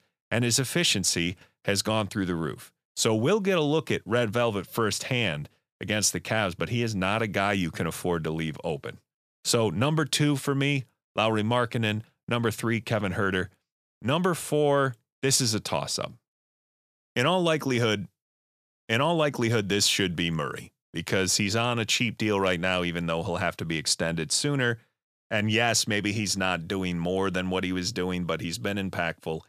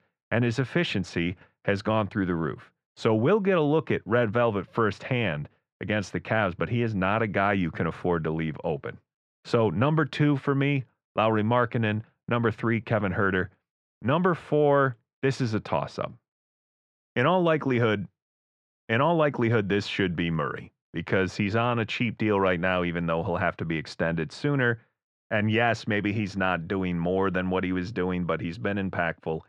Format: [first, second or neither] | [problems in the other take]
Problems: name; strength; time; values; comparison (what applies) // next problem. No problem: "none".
first | muffled; very; fading above 1.5 kHz